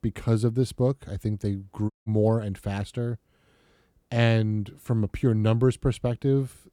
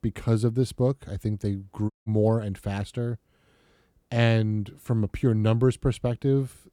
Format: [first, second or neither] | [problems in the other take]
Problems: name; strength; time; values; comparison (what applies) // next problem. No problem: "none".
neither | audio cutting out; at 2 s; the same in both